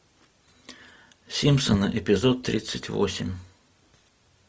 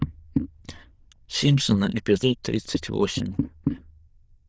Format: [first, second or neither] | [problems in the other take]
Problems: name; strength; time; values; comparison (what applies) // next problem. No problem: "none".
first | noise reduction (neural diffusion model UNIVERSE++)